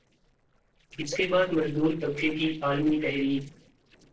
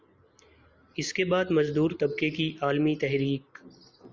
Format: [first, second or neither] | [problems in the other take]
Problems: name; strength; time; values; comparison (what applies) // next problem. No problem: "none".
second | noise reduction (neural separator model SepFormer DNS4)